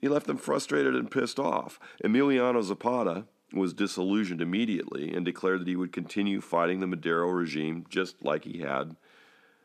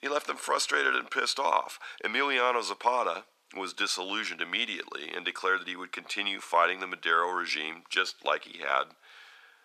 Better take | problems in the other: first | thin; very; fading below 900 Hz

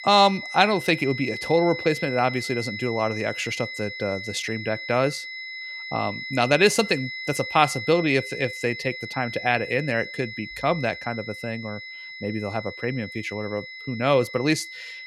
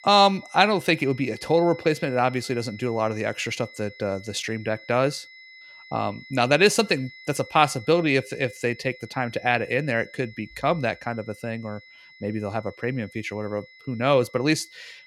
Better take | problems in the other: second | high-pitched whine; loud; throughout; 2 kHz, 9 dB below the speech; faint in the second

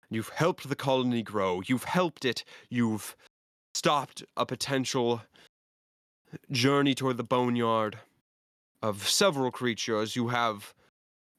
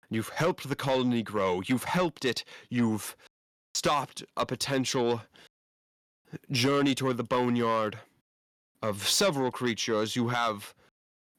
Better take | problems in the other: first | distortion; slight; 10 dB below the speech

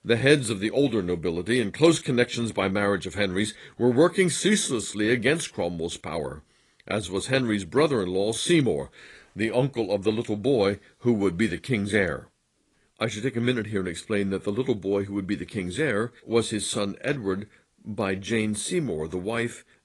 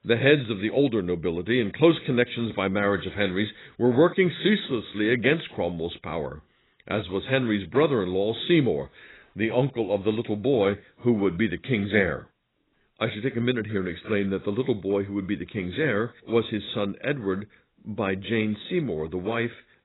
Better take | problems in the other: first | garbled, watery; badly; nothing above 4 kHz; slightly in the first

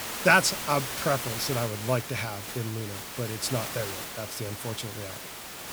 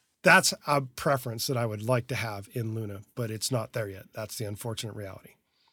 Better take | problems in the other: second | hiss; loud; throughout; 6 dB below the speech

